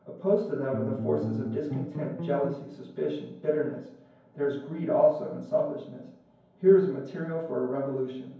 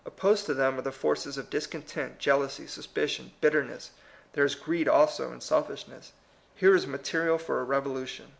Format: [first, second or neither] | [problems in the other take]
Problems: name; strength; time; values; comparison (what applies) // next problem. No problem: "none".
second | background sound (Bass guitar); 5 dB below the speech // room echo; dies away in 0.9 s